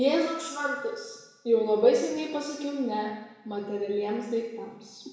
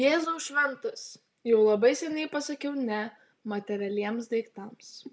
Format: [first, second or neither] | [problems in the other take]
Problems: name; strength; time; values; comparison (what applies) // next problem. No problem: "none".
second | room echo; dies away in 1 s